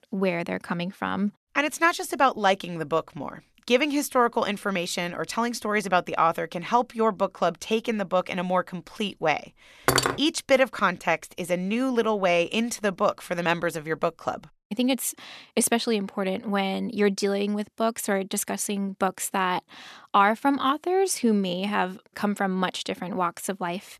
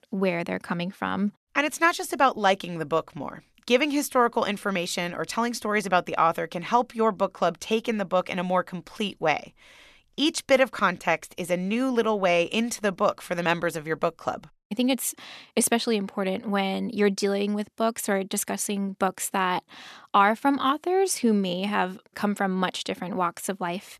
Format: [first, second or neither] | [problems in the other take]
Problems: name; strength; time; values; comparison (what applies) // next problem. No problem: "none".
second | clattering dishes; loud; at 10 s; peak 3 dB above the speech